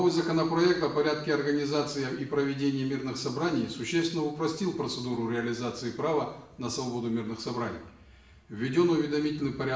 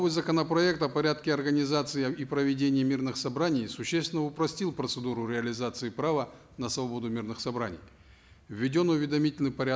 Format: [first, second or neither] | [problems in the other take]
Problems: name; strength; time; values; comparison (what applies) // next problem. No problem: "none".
second | room echo; dies away in 0.7 s